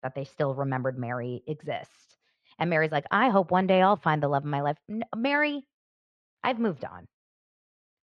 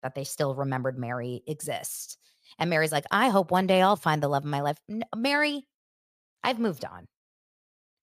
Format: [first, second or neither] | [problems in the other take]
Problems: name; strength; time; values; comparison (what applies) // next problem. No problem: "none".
second | muffled; slightly; fading above 2.5 kHz